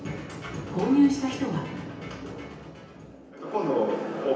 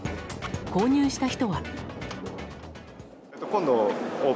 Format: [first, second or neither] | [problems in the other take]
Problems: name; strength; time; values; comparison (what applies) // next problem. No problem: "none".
second | room echo; dies away in 0.9 s